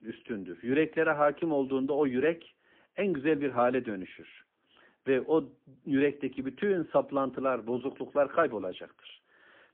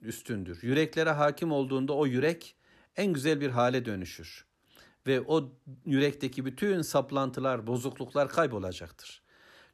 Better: second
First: phone-call audio; poor line; nothing above 3 kHz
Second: none

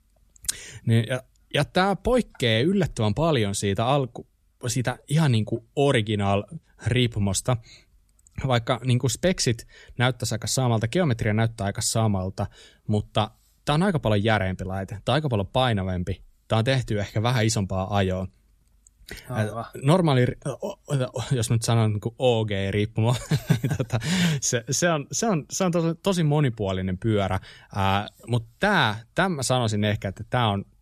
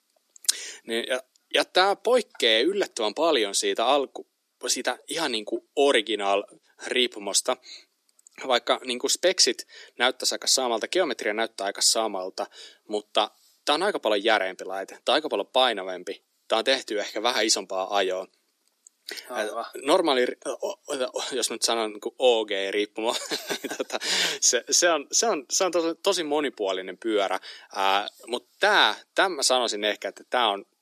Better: first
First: none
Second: thin; very; fading below 300 Hz

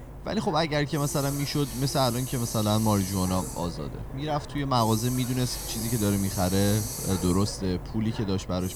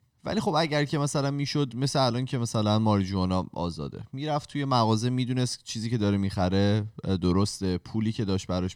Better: second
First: hiss; loud; throughout; 8 dB below the speech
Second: none

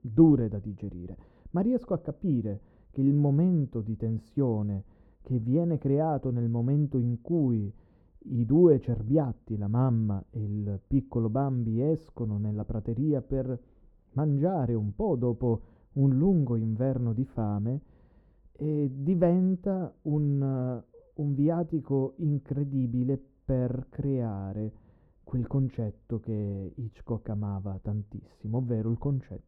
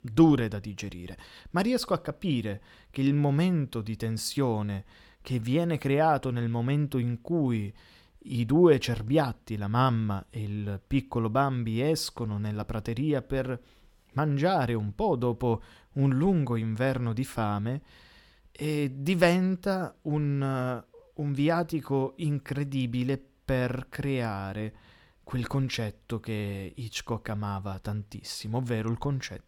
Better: second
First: muffled; very; fading above 1.5 kHz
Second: none

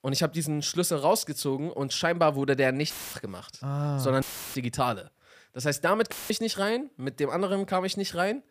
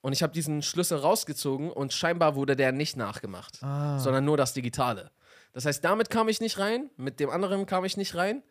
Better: second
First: audio cutting out; filled with static; at 3 s, at 4 s and at 6 s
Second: none

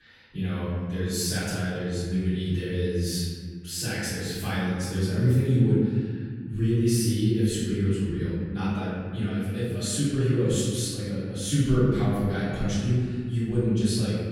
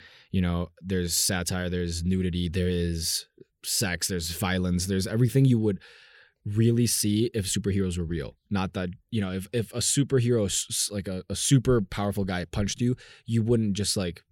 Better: second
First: off-mic speech; far // room echo; strong; dies away in 1.9 s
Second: none

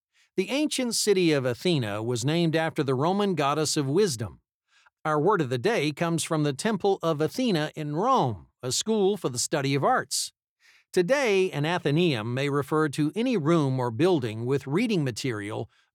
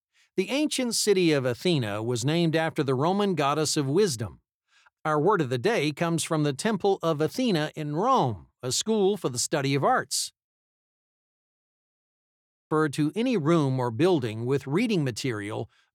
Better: first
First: none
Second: audio cutting out; at 10 s for 2 s

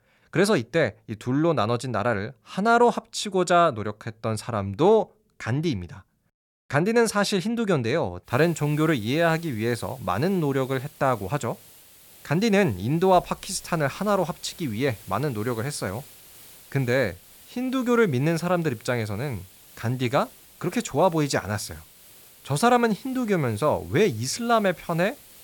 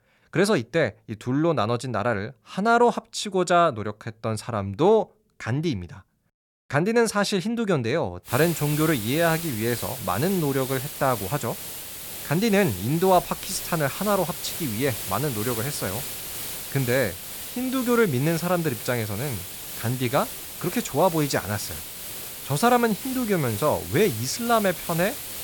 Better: first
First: hiss; faint; from 8.5 s on; 20 dB below the speech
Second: hiss; loud; from 8.5 s on; 7 dB below the speech

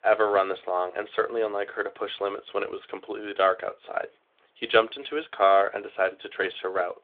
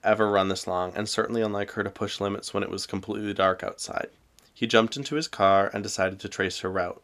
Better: second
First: phone-call audio; nothing above 3.5 kHz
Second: none

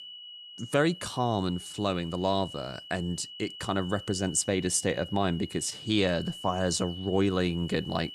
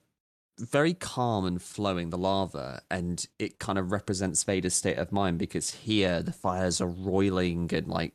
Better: second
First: high-pitched whine; noticeable; throughout; 3 kHz, 15 dB below the speech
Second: none

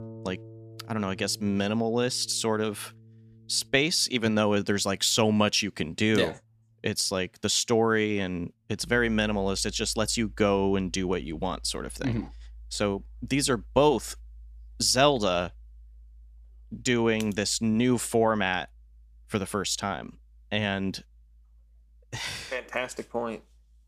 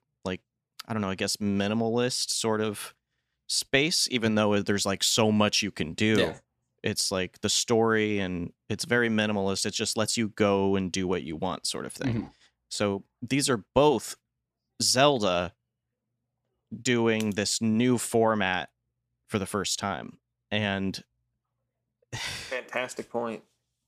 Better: second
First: background music; faint; throughout; 25 dB below the speech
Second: none

